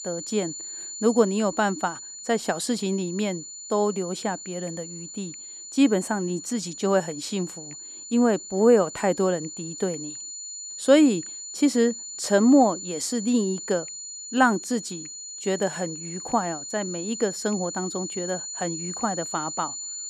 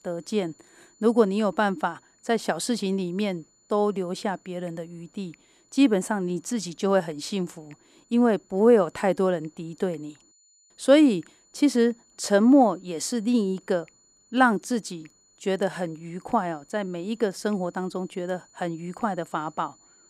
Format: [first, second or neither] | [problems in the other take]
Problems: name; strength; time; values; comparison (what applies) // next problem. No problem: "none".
second | high-pitched whine; loud; throughout; 7 kHz, 10 dB below the speech; faint in the second